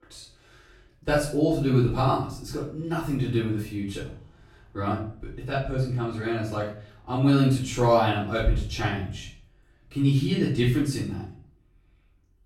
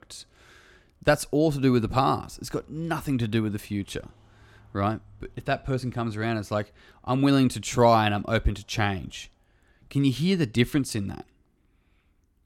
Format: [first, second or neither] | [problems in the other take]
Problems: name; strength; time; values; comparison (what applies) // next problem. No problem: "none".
second | off-mic speech; far // room echo; noticeable; dies away in 0.4 s